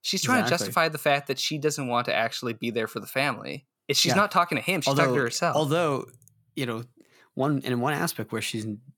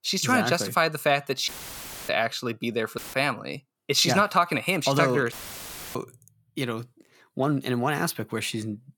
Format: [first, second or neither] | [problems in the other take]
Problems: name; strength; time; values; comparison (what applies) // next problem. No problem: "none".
first | audio cutting out; filled with static; at 1.5 s for 0.5 s, at 3 s and at 5.5 s for 0.5 s